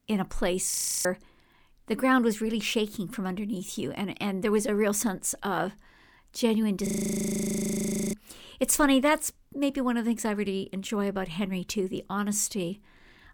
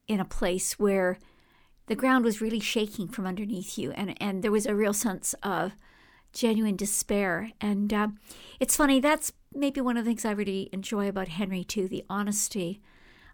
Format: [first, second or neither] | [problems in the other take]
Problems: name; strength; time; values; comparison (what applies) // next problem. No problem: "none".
second | audio freezing; at 0.5 s and at 7 s for 1.5 s